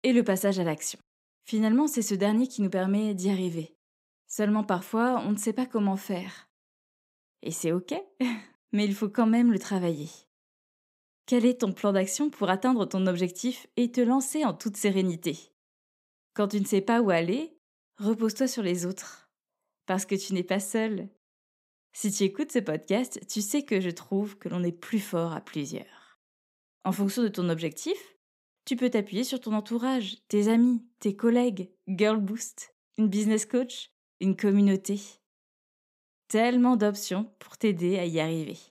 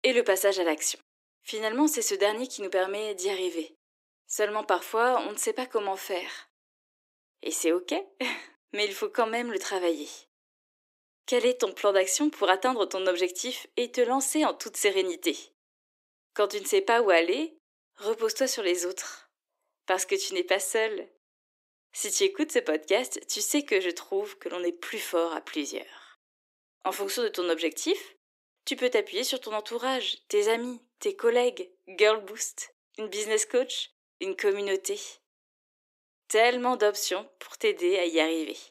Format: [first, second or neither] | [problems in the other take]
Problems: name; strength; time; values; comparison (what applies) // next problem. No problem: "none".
first | thin; very; fading below 300 Hz